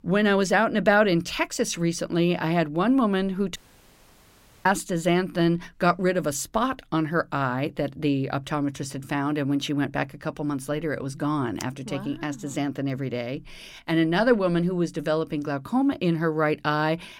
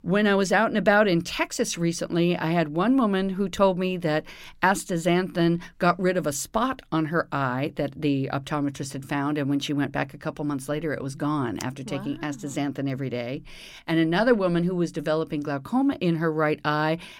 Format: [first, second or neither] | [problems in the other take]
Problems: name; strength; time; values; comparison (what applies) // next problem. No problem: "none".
second | audio cutting out; at 3.5 s for 1 s